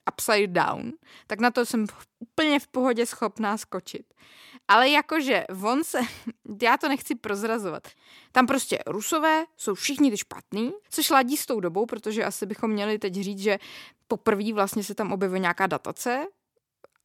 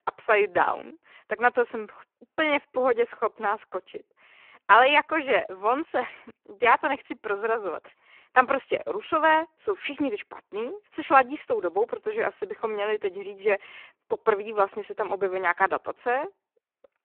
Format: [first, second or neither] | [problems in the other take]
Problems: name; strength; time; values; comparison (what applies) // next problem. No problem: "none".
first | phone-call audio; poor line